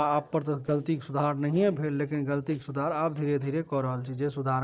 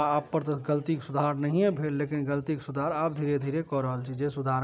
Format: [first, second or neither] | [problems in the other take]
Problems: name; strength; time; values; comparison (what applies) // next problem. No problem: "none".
second | noise reduction (neural separator model SepFormer DNS4)